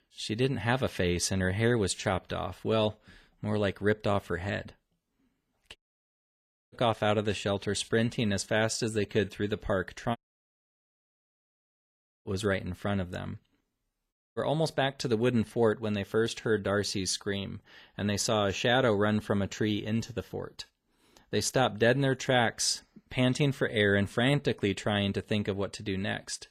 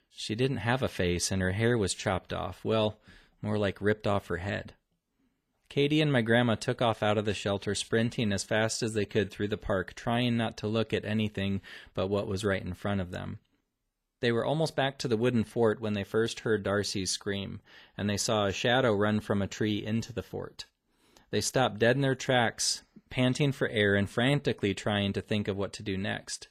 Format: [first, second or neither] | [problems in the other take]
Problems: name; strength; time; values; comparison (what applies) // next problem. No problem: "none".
second | audio cutting out; at 6 s for 1 s, at 10 s for 2 s and at 14 s